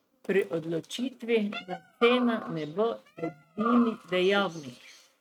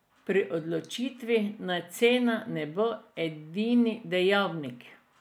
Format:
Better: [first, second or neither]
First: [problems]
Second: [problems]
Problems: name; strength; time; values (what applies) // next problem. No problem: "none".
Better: second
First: noise reduction (neural mask model RNNoise)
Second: none